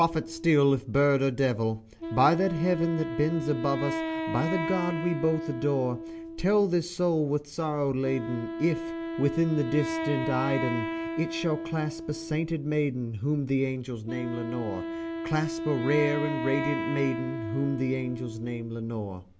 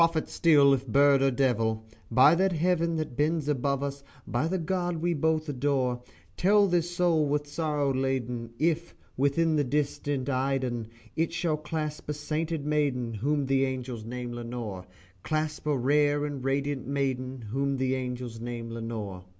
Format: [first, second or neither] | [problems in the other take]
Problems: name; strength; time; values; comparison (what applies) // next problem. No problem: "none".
second | background sound (Wind instrument, woodwind instrument); 7 dB below the speech